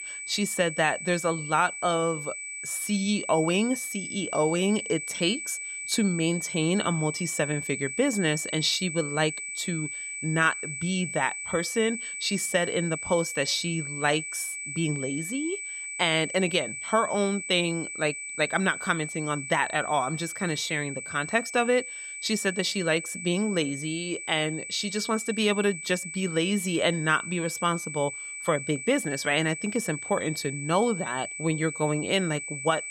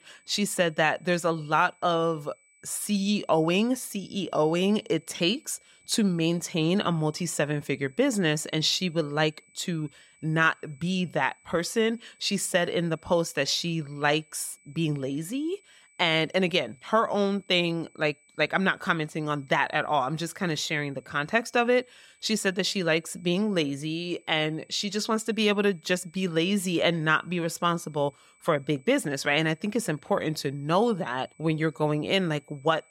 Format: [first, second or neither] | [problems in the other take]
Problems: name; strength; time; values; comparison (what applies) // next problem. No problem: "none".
second | high-pitched whine; loud; throughout; 2.5 kHz, 7 dB below the speech; faint in the second